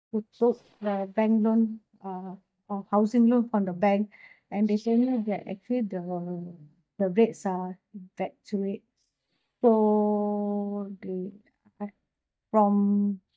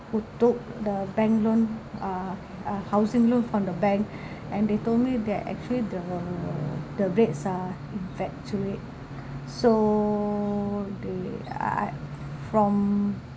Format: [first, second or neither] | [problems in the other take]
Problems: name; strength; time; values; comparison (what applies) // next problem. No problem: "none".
second | noise reduction (neural mask model DeepFilterNet 3)